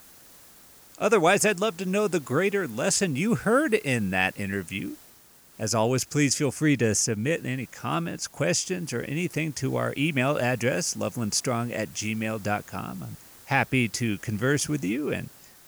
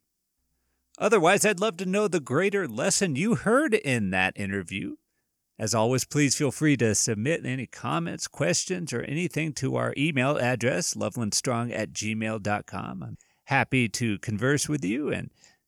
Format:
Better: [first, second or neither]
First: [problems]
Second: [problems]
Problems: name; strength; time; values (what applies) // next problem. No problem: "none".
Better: second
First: hiss; faint; throughout; 25 dB below the speech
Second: none